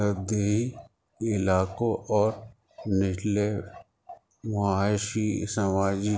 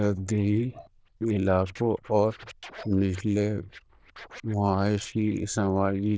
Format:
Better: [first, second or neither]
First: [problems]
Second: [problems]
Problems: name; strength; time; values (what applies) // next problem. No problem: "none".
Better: first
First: none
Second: noise reduction (neural diffusion model UNIVERSE++)